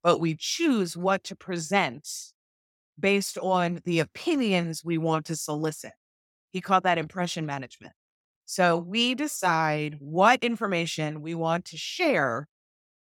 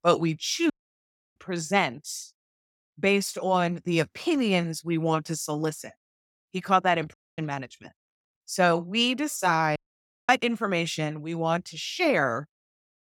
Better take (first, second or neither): first